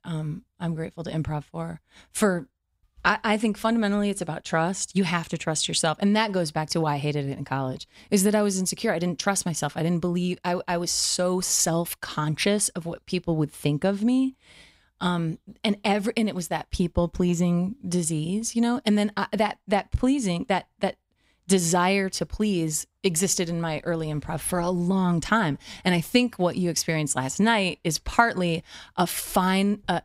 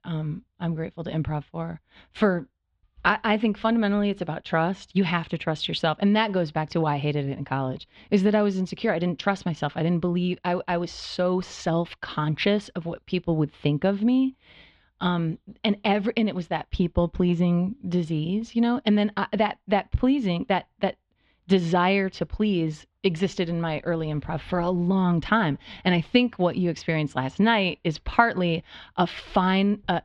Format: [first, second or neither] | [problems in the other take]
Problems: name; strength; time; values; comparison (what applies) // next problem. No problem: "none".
first | muffled; slightly; fading above 3.5 kHz